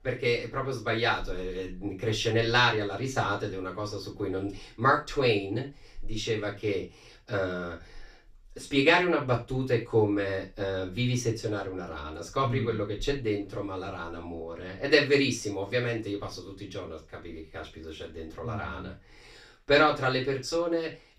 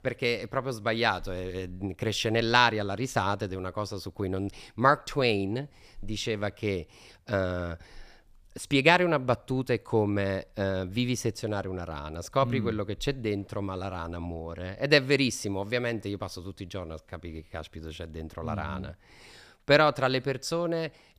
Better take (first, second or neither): second